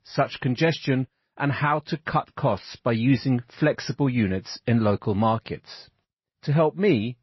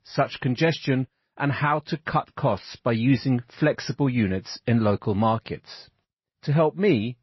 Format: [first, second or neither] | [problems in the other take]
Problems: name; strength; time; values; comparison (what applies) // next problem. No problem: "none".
neither | garbled, watery; slightly; nothing above 5.5 kHz; the same in both